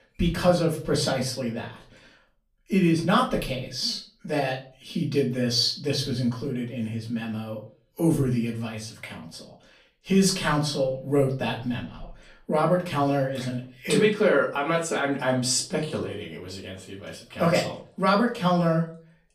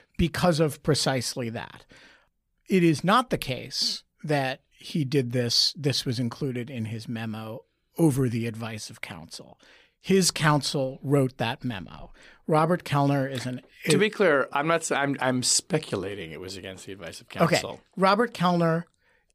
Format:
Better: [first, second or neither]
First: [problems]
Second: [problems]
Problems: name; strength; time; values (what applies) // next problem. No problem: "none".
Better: second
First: off-mic speech; far // room echo; slight; dies away in 0.3 s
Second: none